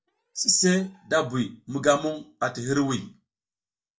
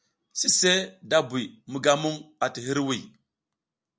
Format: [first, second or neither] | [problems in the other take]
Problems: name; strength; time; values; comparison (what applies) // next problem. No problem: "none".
second | noise reduction (neural mask model DeepFilterNet 3)